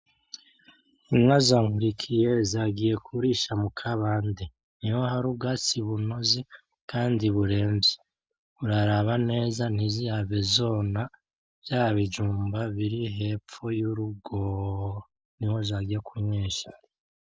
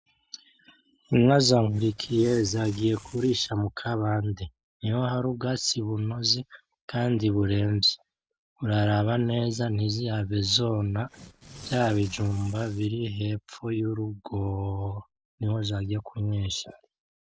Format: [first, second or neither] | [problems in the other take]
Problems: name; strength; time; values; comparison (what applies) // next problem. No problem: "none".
first | background sound (Tearing); 20 dB below the speech